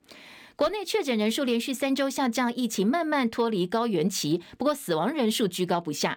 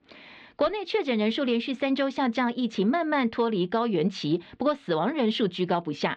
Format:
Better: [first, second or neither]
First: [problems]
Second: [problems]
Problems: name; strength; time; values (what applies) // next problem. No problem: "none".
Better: first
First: none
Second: muffled; slightly; fading above 4 kHz